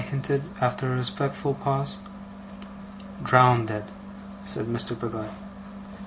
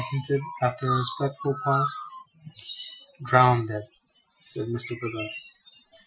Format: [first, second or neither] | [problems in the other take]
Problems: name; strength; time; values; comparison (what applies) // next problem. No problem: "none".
first | noise reduction (classical method Wiener filter)